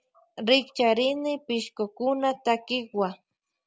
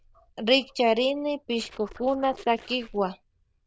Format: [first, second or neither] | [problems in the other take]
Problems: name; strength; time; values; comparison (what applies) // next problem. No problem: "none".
first | noise reduction (neural diffusion model UNIVERSE++)